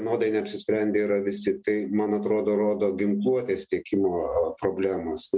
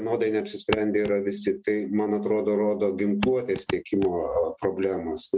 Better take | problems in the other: first | noise reduction (neural mask model RNNoise)

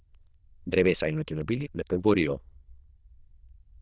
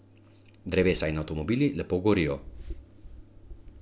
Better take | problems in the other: second | noise reduction (neural diffusion model UNIVERSE++)

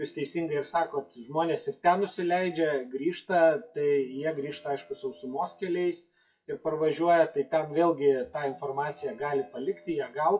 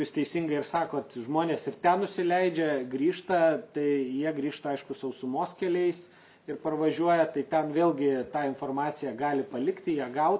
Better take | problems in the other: second | noise reduction (classical method WPE with log-MMSE)

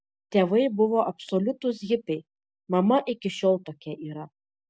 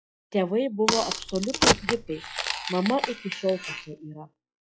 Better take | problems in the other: first | noise reduction (classical method log-MMSE)

